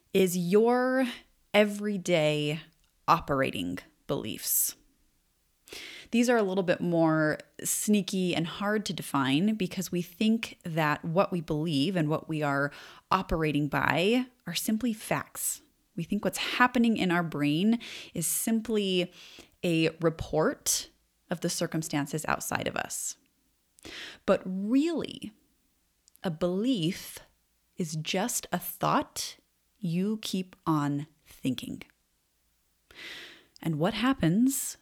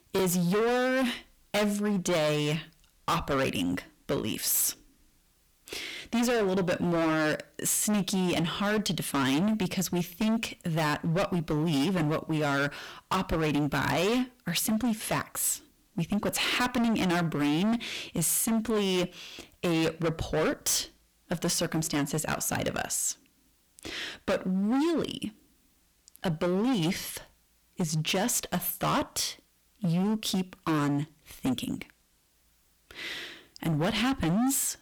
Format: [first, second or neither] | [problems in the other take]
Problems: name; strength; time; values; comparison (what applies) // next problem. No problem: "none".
first | distortion; heavy; 19% of the sound clipped